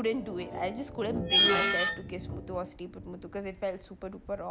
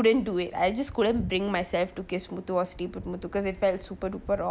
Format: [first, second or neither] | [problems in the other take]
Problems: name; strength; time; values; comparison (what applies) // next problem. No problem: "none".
second | background sound (Screech); 3 dB above the speech